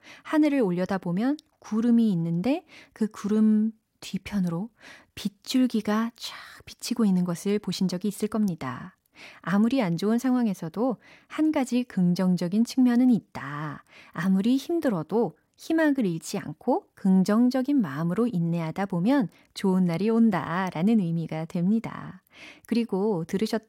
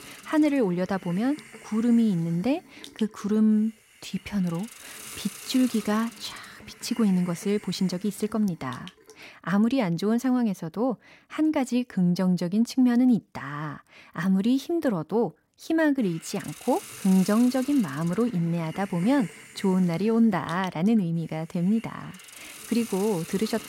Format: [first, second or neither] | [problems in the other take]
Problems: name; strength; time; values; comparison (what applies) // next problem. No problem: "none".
first | hiss; noticeable; until 9.5 s and from 16 s on; 20 dB below the speech